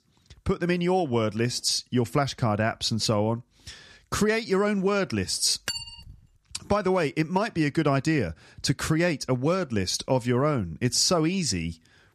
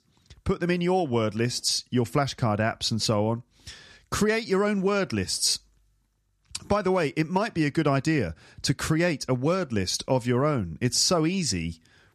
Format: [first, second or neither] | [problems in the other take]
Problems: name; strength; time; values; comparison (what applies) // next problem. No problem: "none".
second | clattering dishes; noticeable; at 5.5 s; peak 6 dB below the speech